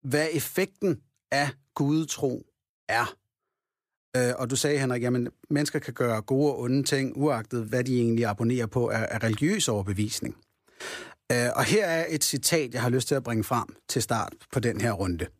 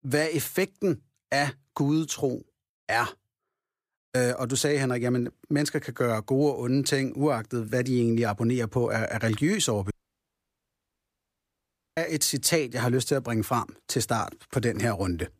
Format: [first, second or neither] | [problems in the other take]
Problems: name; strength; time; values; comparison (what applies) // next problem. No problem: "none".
first | audio cutting out; at 10 s for 2 s